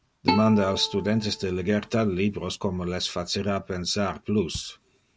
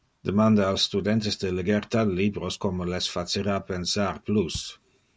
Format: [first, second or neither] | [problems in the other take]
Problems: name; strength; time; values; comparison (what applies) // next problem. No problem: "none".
second | background sound (Bowed string instrument); 7 dB below the speech